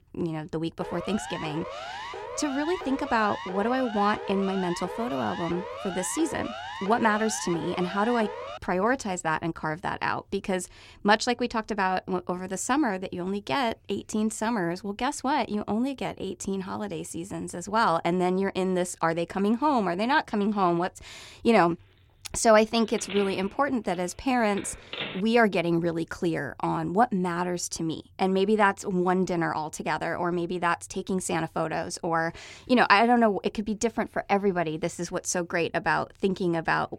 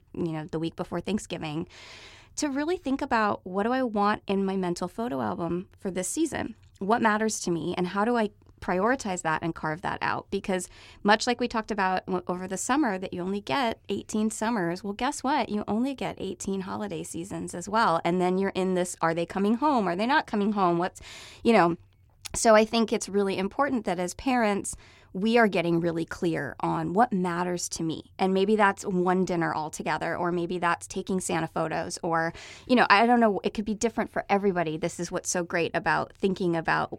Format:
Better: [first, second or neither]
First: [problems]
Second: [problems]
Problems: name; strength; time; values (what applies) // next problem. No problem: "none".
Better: second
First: siren; noticeable; from 1 to 8.5 s; peak 9 dB below the speech // phone ringing; noticeable; from 23 to 25 s; peak 7 dB below the speech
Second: none